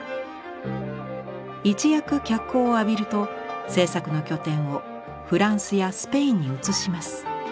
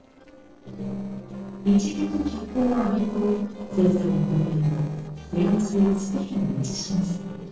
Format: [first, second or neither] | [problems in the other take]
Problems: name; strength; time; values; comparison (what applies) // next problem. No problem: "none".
first | noise reduction (neural separator model SepFormer DNS4)